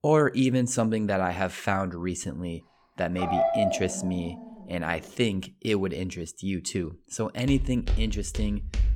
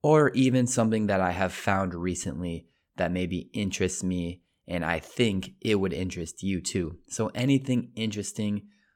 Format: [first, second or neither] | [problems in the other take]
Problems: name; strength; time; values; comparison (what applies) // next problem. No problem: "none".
second | dog barking; loud; from 3 to 4.5 s; peak 4 dB above the speech // footsteps; noticeable; from 7.5 s on; peak 1 dB below the speech